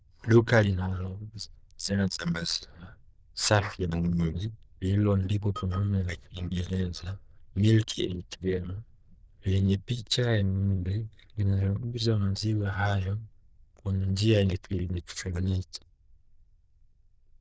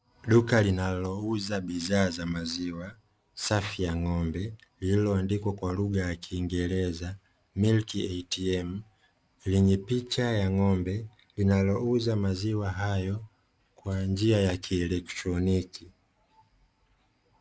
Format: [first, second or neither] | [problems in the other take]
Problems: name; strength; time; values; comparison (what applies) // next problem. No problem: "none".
second | noise reduction (neural diffusion model UNIVERSE++)